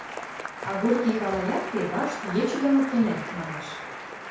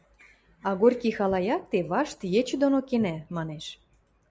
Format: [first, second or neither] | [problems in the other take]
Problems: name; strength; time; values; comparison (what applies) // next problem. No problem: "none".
second | background sound (Applause); 8 dB below the speech // room echo; dies away in 0.5 s